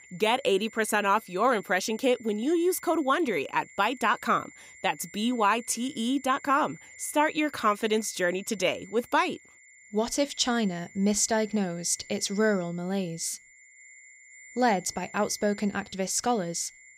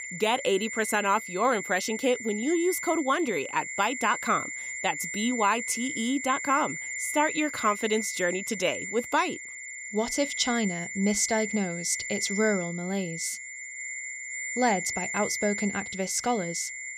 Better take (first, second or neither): first